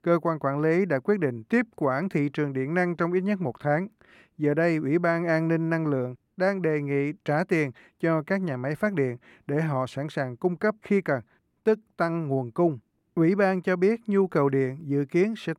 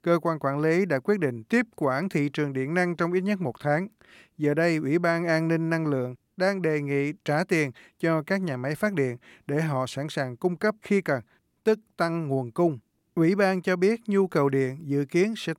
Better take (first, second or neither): second